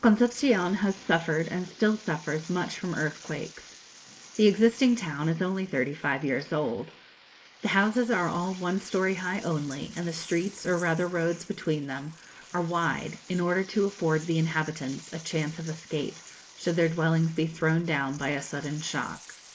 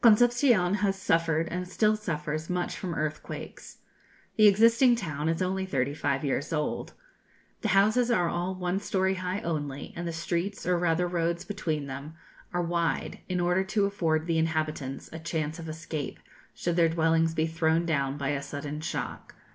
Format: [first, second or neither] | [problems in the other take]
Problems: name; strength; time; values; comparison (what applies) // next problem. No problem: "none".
second | noise reduction (neural mask model Resemble Enhance denoiser)